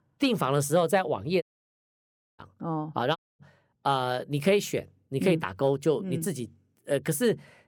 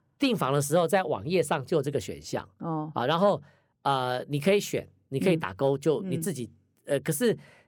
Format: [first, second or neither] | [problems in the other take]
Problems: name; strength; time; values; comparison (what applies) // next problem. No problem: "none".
second | audio cutting out; at 1.5 s for 1 s and at 3 s